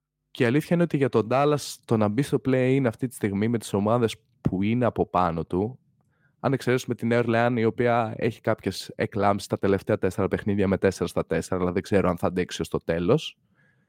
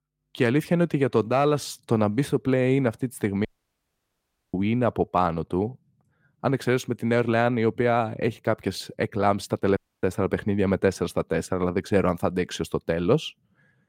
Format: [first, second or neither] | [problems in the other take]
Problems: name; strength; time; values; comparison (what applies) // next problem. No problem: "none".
first | audio cutting out; at 3.5 s for 1 s and at 10 s